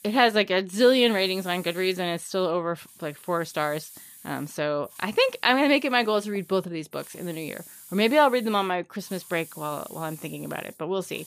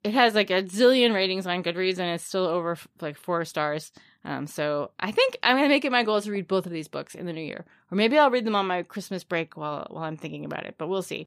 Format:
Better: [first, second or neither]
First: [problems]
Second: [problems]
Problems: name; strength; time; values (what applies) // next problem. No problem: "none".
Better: second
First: hiss; faint; throughout; 20 dB below the speech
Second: none